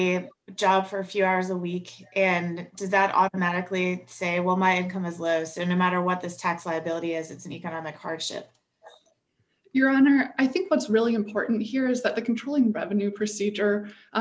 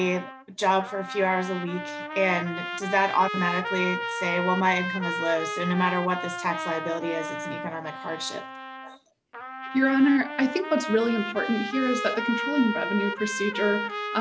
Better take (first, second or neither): first